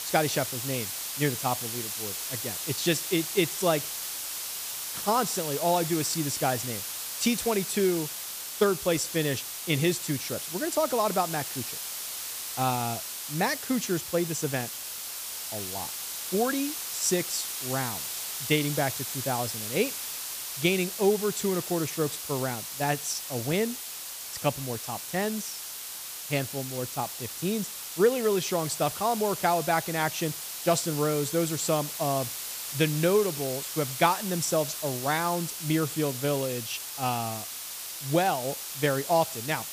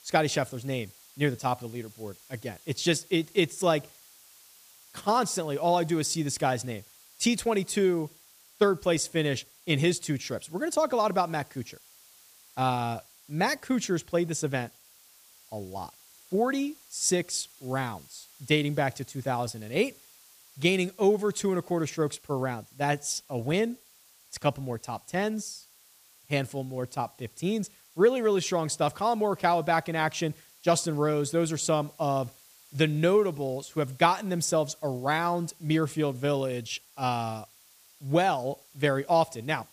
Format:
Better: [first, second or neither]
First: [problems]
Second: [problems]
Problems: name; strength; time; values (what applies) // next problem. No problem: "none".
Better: second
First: hiss; loud; throughout; 5 dB below the speech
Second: hiss; faint; throughout; 25 dB below the speech